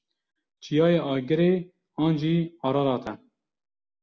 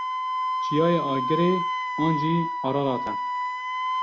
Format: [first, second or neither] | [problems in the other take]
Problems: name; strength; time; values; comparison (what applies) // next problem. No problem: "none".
first | background sound (Wind instrument, woodwind instrument); 1 dB below the speech